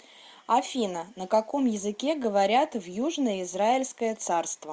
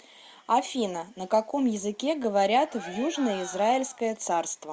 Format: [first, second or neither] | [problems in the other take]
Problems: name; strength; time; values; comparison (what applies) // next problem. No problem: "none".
first | background sound (Cheering); 15 dB below the speech